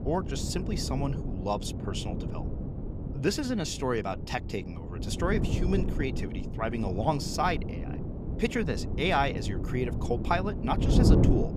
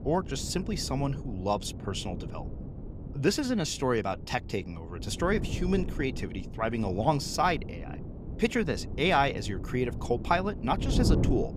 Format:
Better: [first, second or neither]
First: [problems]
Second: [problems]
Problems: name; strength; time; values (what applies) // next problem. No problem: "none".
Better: second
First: wind noise on the microphone; heavy; 8 dB below the speech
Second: wind noise on the microphone; occasional gusts; 15 dB below the speech